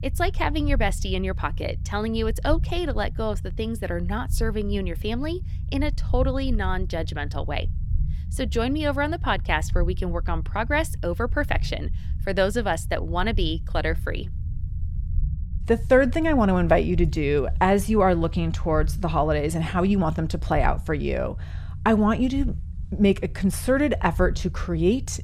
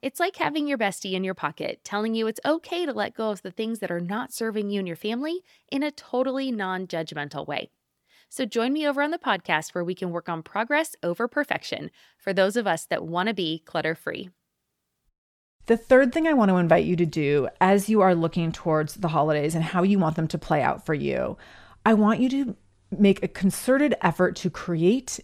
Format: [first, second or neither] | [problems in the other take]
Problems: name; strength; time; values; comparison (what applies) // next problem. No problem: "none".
second | low rumble; faint; throughout; 20 dB below the speech